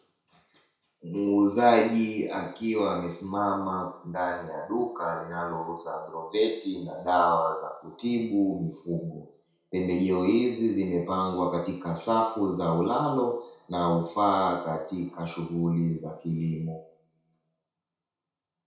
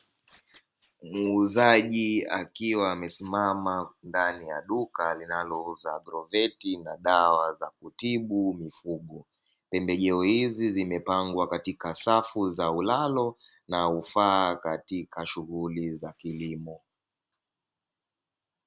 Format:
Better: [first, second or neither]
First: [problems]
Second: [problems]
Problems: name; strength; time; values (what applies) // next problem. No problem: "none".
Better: second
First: room echo; dies away in 0.6 s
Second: none